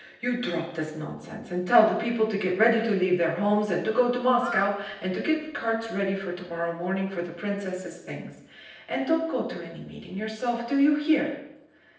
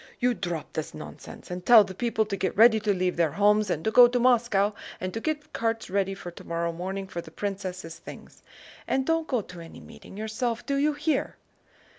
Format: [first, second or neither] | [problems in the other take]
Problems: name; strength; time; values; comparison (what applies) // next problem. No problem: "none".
second | noise reduction (neural separator model SepFormer DNS4)